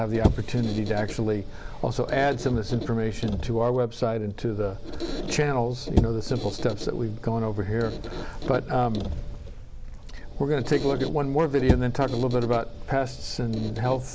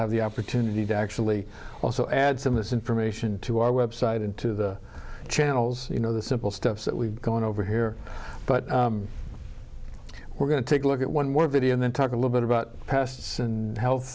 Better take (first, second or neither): second